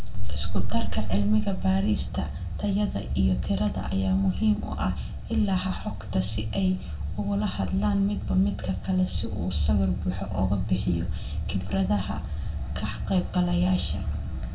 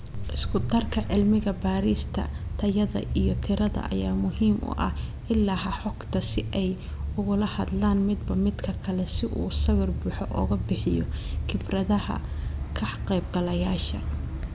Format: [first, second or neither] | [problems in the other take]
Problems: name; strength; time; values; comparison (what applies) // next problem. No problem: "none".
second | room echo; dies away in 0.2 s